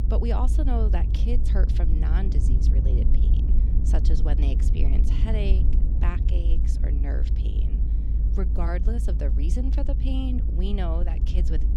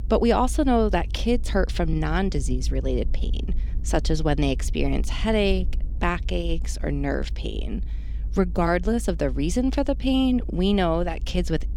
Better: second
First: low rumble; loud; throughout; 5 dB below the speech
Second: low rumble; faint; throughout; 25 dB below the speech

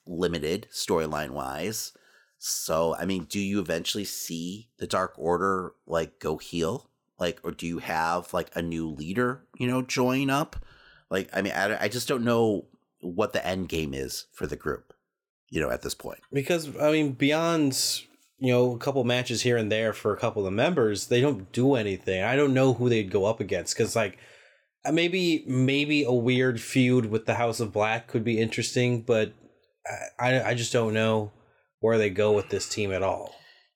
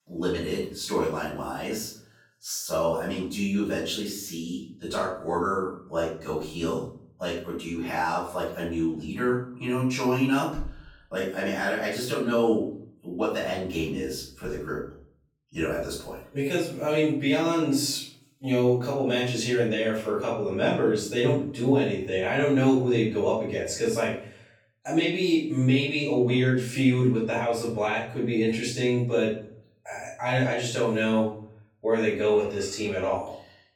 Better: first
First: none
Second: off-mic speech; far // room echo; noticeable; dies away in 0.4 s

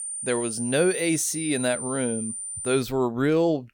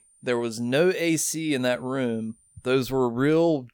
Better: second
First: high-pitched whine; loud; until 3 s; 9 kHz, 6 dB below the speech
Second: high-pitched whine; faint; until 3 s; 9 kHz, 35 dB below the speech

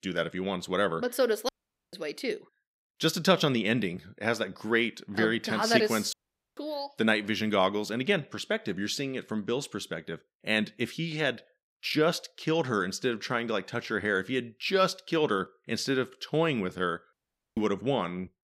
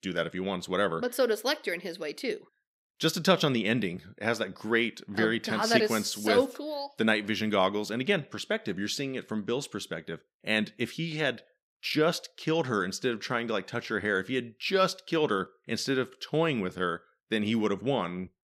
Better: second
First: audio cutting out; at 1.5 s, at 6 s and at 17 s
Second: none

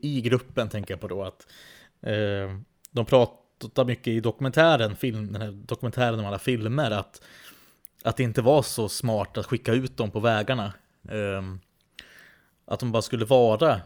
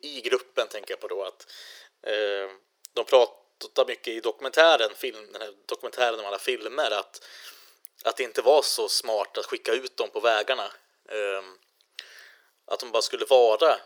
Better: first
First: none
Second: thin; very; fading below 400 Hz

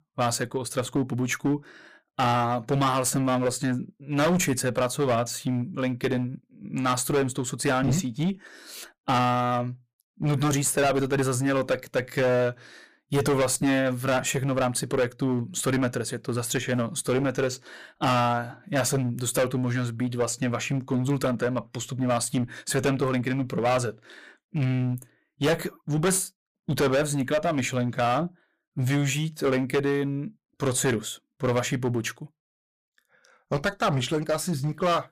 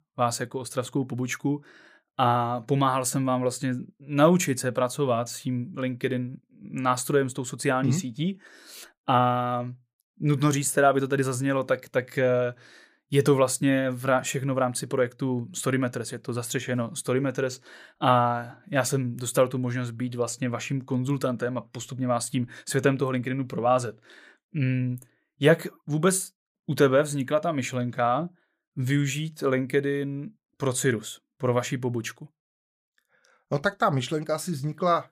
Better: second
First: distortion; heavy; 12% of the sound clipped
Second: none

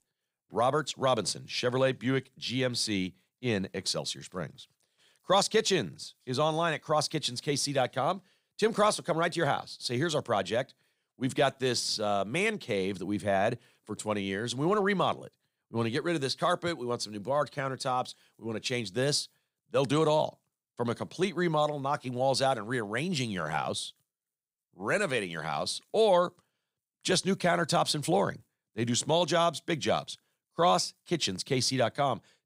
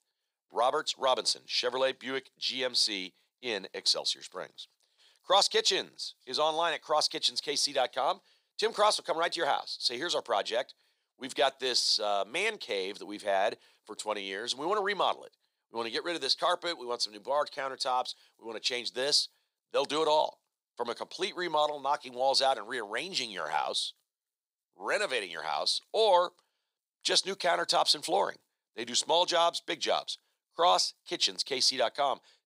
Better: first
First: none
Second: thin; somewhat; fading below 500 Hz

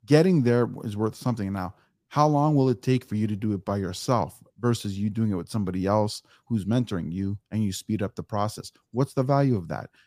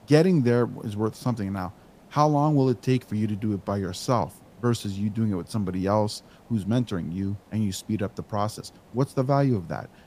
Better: first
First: none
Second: hiss; faint; throughout; 25 dB below the speech

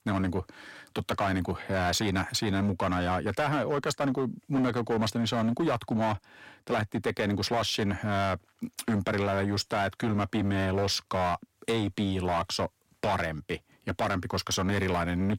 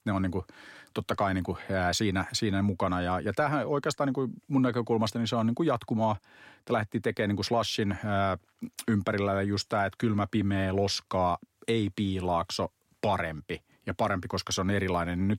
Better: second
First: distortion; slight; 13% of the sound clipped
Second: none

